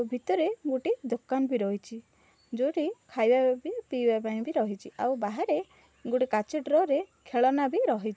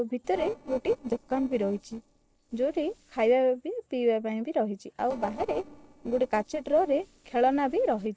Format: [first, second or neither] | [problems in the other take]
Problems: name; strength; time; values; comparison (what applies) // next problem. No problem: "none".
first | noise reduction (neural separator model SepFormer DNS4)